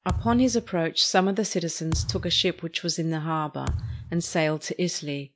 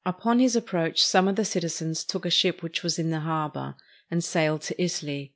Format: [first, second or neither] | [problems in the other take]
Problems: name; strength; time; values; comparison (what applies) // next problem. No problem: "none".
second | background sound (Thump, thud); 9 dB below the speech